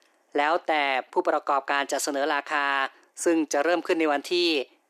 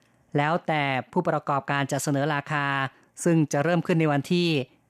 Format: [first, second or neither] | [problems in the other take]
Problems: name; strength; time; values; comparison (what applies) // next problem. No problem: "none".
second | thin; somewhat; fading below 350 Hz